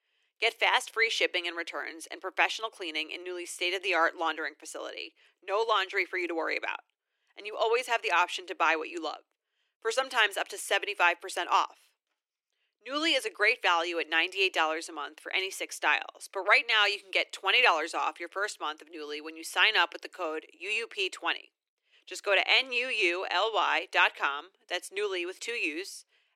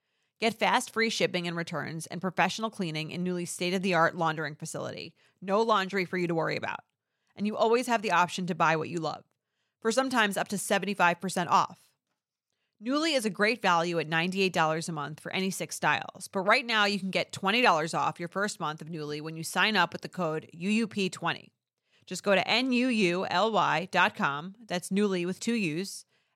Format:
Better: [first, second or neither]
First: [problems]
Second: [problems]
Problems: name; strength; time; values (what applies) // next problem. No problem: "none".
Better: second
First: thin; very; fading below 300 Hz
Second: none